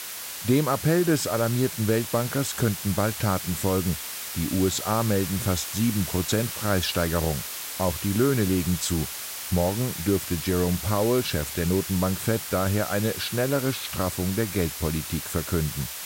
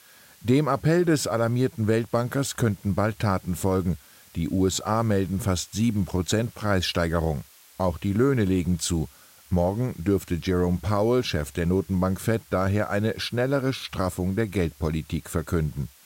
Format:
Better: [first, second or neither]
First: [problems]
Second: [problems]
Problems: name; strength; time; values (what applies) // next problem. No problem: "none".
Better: second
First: hiss; loud; throughout; 6 dB below the speech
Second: hiss; faint; throughout; 25 dB below the speech